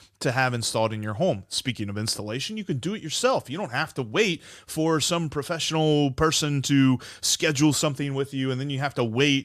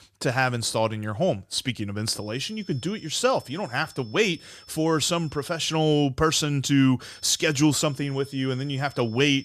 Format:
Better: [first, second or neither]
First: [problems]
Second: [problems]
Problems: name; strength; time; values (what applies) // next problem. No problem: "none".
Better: first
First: none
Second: high-pitched whine; faint; from 2 to 6 s and from 7 s on; 5.5 kHz, 25 dB below the speech